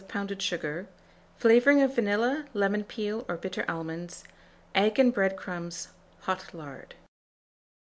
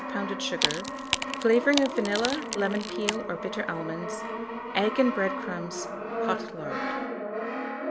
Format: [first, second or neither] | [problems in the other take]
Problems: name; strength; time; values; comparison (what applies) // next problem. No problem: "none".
first | background sound (Brass instrument + Wood); 3 dB below the speech